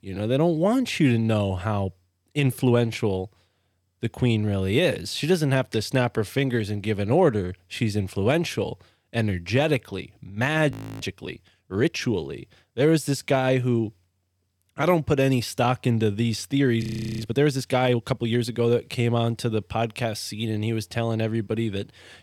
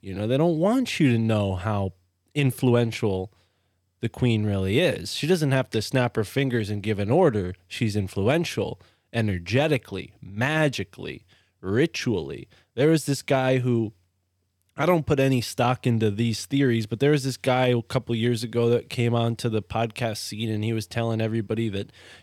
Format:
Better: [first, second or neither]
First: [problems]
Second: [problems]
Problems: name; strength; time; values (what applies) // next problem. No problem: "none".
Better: second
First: audio freezing; at 11 s and at 17 s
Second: none